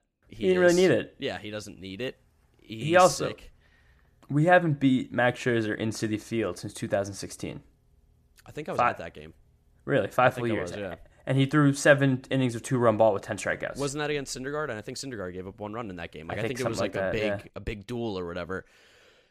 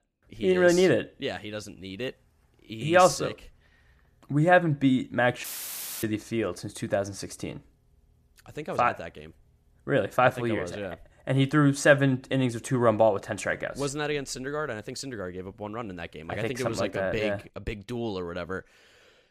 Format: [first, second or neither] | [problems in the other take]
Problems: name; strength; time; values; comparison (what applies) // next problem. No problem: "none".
first | audio cutting out; filled with static; at 5.5 s for 0.5 s